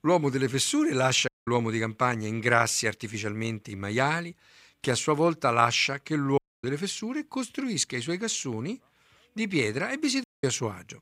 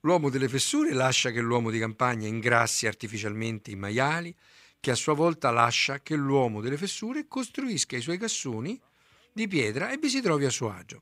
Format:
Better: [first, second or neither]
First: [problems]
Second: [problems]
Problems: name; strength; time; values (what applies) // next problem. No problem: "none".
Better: second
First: audio cutting out; at 1.5 s, at 6.5 s and at 10 s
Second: none